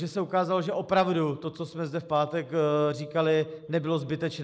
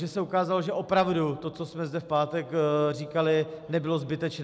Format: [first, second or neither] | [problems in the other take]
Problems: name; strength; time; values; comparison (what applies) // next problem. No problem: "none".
second | noise reduction (neural mask model Resemble Enhance denoiser)